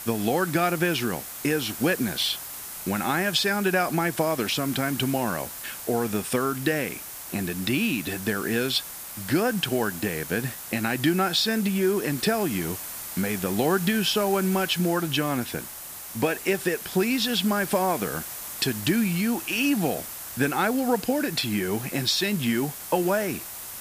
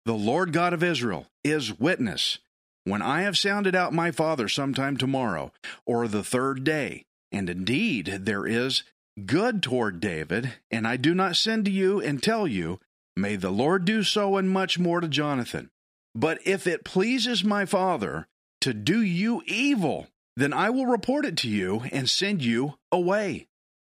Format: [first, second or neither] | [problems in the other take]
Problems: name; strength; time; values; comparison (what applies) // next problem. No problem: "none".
second | hiss; loud; throughout; 9 dB below the speech